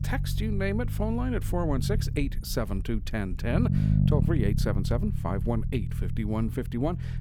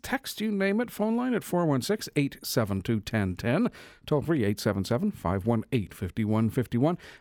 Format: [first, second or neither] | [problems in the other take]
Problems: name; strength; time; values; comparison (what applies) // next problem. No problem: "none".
second | low rumble; loud; throughout; 7 dB below the speech